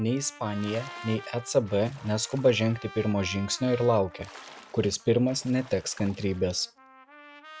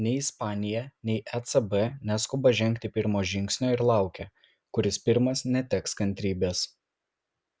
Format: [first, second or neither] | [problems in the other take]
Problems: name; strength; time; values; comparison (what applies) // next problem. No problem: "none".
second | background sound (Splash, splatter + Trumpet); 18 dB below the speech